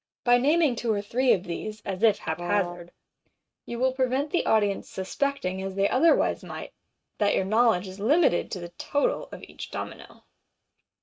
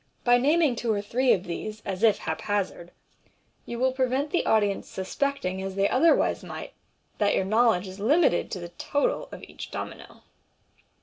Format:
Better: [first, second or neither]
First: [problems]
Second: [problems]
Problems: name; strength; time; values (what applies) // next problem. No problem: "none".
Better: second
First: noise reduction (neural mask model RNNoise)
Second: none